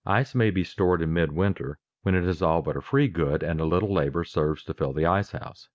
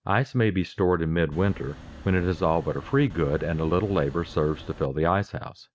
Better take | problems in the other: first | background sound (Wind); 17 dB below the speech

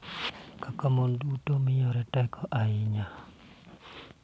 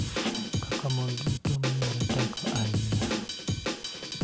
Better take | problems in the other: first | background sound (Drum kit); 2 dB above the speech

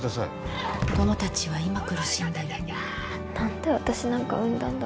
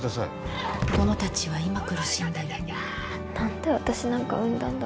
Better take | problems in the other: first | background sound (Door / Car); 16 dB below the speech

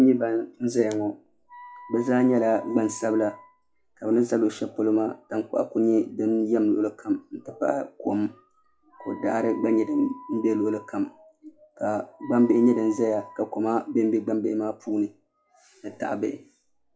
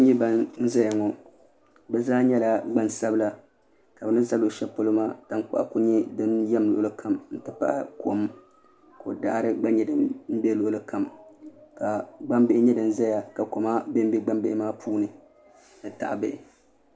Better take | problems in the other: second | noise reduction (classical method log-MMSE)

